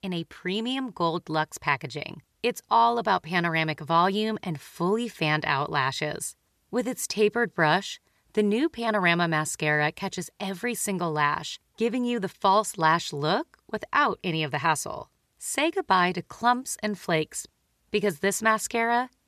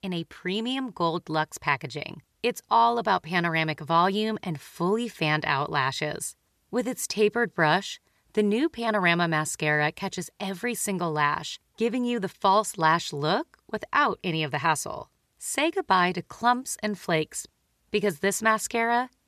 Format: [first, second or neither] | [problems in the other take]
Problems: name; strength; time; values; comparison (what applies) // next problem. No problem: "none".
neither | none